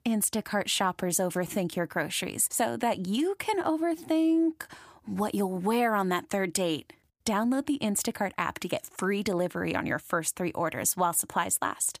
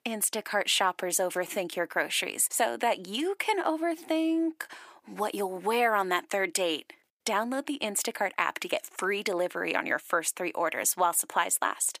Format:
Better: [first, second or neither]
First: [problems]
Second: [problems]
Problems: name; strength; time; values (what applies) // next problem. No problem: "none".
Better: first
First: none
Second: thin; somewhat; fading below 450 Hz